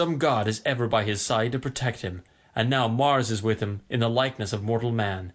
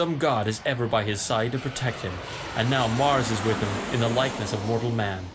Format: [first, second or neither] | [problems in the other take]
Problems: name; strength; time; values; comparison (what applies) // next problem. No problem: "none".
first | background sound (Aircraft); 9 dB below the speech